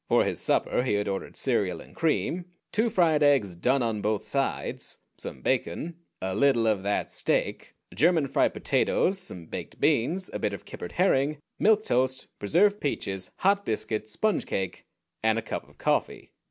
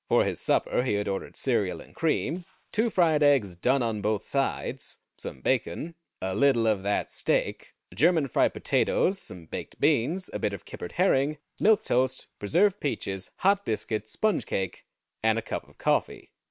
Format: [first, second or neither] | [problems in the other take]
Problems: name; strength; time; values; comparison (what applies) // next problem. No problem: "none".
first | noise reduction (neural separator model SepFormer WHAM!)